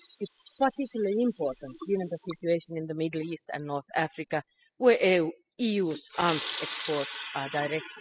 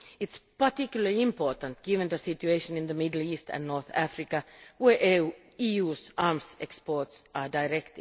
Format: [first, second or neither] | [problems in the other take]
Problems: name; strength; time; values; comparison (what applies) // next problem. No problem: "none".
second | noise reduction (classical method spectral subtraction)